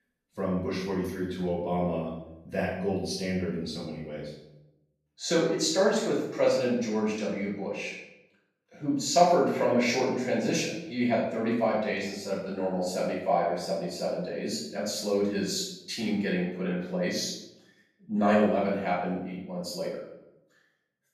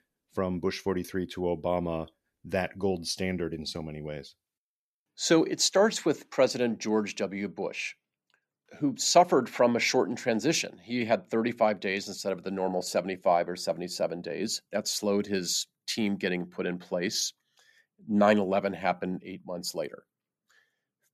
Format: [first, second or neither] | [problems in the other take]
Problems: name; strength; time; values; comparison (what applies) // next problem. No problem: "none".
second | off-mic speech; far // room echo; noticeable; dies away in 0.7 s